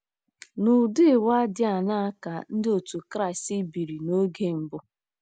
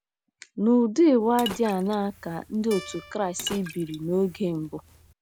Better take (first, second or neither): first